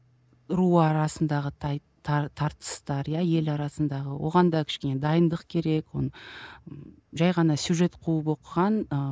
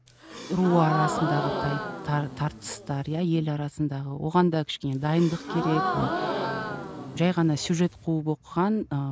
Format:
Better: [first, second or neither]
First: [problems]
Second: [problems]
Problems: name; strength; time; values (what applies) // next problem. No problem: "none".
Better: first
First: none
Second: background sound (Gasp); 5 dB below the speech